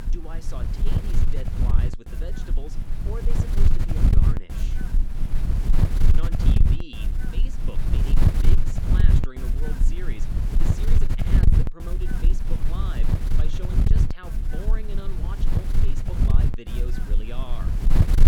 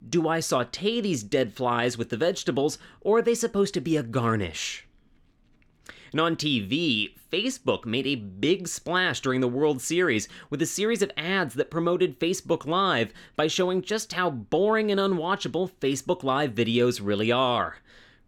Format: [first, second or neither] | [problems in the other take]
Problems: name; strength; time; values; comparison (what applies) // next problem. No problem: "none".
second | wind noise on the microphone; heavy; 4 dB above the speech